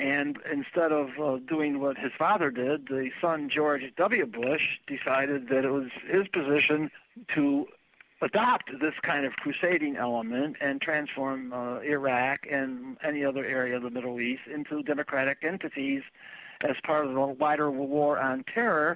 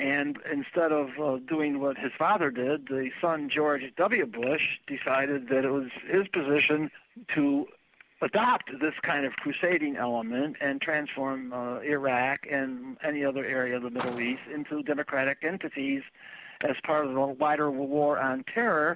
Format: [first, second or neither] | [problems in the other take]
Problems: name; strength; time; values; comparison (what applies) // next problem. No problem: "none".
first | background sound (Car); 14 dB below the speech